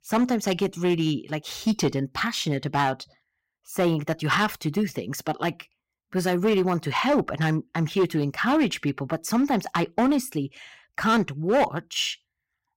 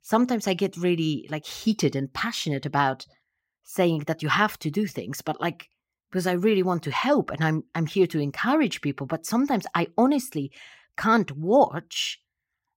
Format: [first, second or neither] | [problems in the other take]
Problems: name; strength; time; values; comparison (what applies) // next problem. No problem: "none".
second | distortion; slight; 5% of the sound clipped